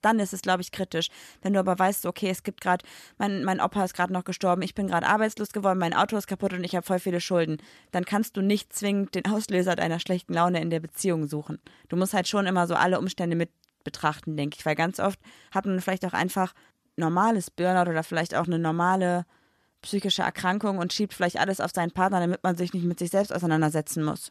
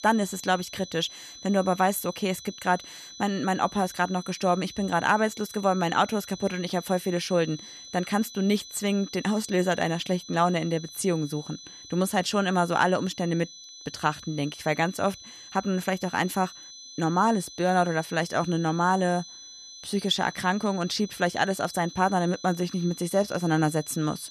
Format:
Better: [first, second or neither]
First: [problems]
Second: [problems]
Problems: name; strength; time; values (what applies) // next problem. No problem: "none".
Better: first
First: none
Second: high-pitched whine; noticeable; throughout; 4 kHz, 15 dB below the speech